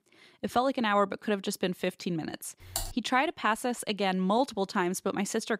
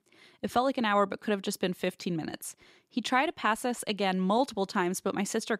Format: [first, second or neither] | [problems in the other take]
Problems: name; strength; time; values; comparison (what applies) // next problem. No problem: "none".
second | keyboard typing; noticeable; at 2.5 s; peak 6 dB below the speech